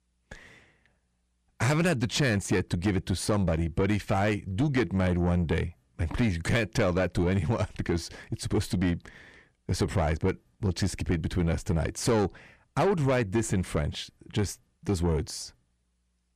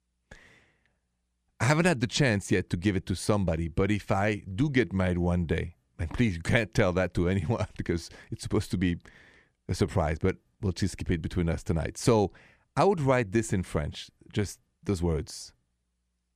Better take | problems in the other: second | distortion; slight; 10 dB below the speech

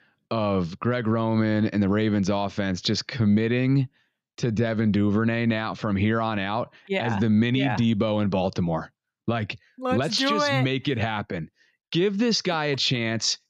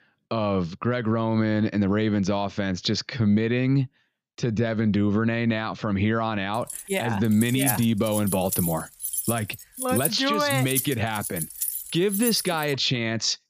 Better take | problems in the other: first | jangling keys; noticeable; from 6.5 to 13 s; peak 2 dB below the speech

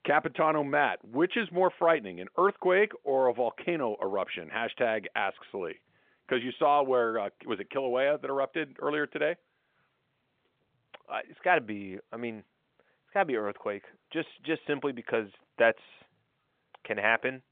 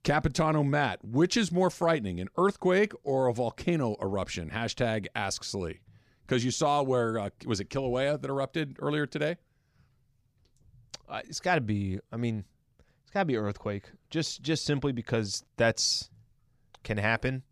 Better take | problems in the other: second | phone-call audio; nothing above 3.5 kHz

